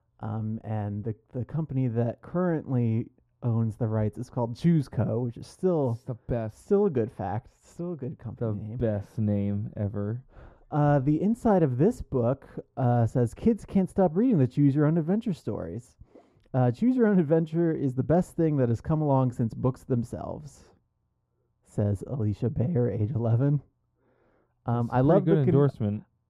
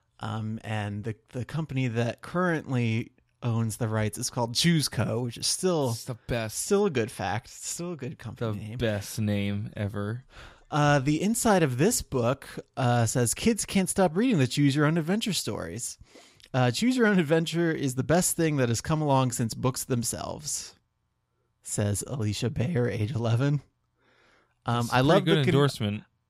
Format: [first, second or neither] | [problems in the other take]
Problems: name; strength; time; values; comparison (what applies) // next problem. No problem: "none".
second | muffled; very; fading above 1.5 kHz